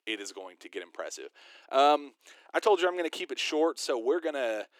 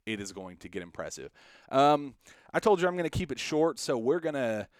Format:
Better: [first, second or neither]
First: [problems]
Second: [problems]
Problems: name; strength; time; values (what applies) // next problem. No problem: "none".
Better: second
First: thin; somewhat; fading below 300 Hz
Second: none